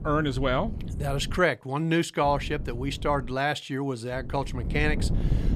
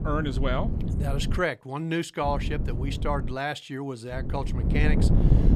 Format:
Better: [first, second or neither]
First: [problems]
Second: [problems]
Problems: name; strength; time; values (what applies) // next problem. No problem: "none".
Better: first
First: wind noise on the microphone; occasional gusts; until 1.5 s, from 2 to 3.5 s and from 4 s on; 15 dB below the speech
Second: wind noise on the microphone; heavy; until 1.5 s, from 2 to 3.5 s and from 4 s on; 7 dB below the speech